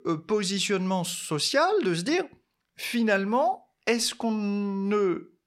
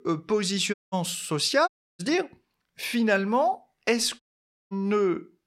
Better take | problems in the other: first | audio cutting out; at 0.5 s, at 1.5 s and at 4 s for 0.5 s

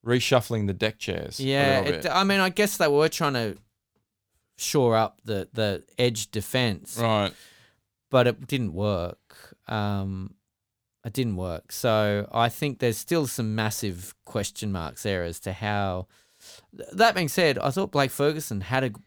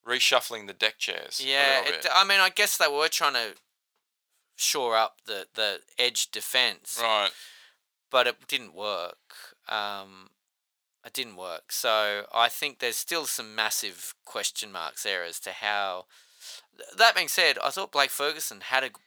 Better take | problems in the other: first | thin; very; fading below 850 Hz

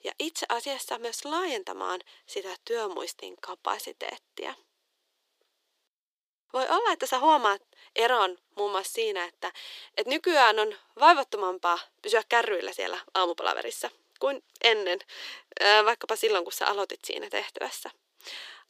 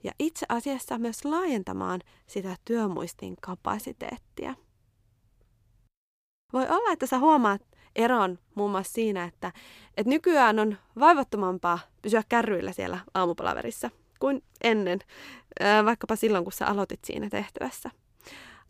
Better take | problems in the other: second | thin; very; fading below 350 Hz

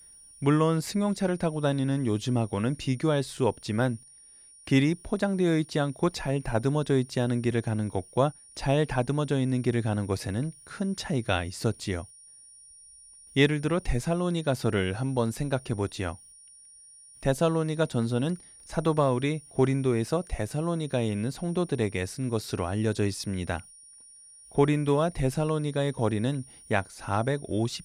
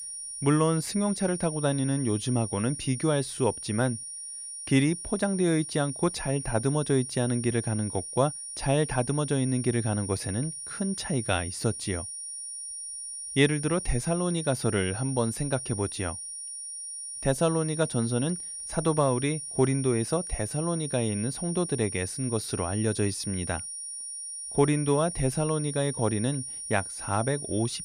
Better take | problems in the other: first | high-pitched whine; loud; throughout; 9.5 kHz, 7 dB below the speech; faint in the first

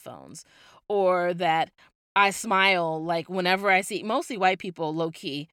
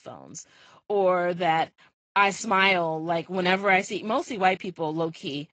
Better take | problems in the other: first | garbled, watery; slightly; nothing above 7.5 kHz

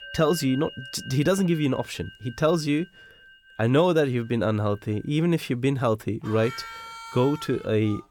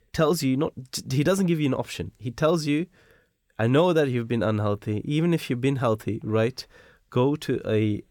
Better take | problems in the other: second | background music; noticeable; throughout; 15 dB below the speech

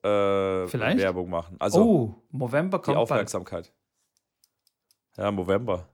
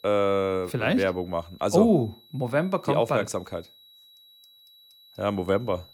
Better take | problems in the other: first | high-pitched whine; faint; throughout; 4 kHz, 25 dB below the speech

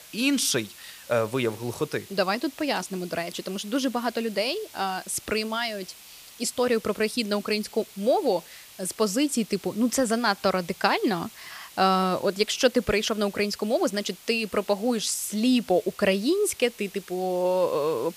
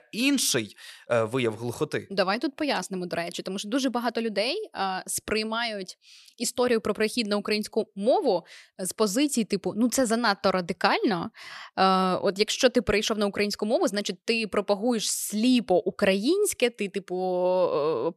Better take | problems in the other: second | hiss; noticeable; throughout; 20 dB below the speech

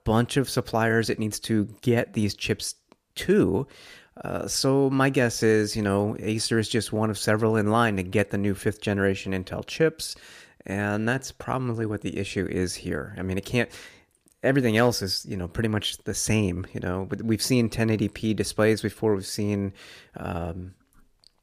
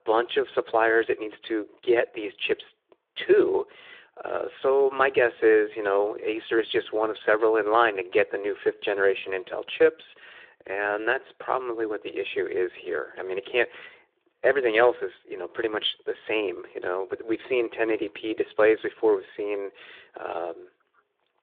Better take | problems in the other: first | phone-call audio; nothing above 3.5 kHz

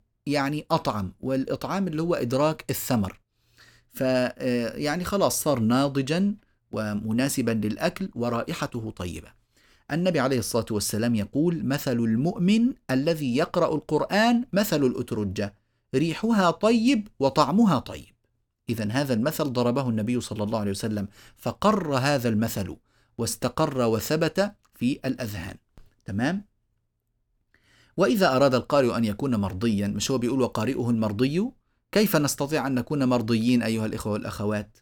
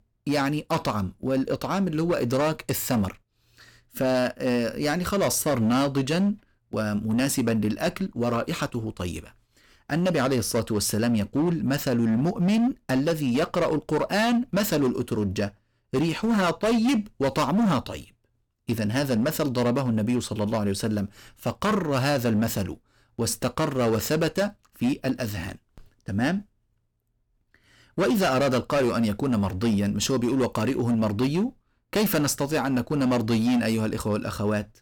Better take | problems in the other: first | distortion; slight; 11% of the sound clipped

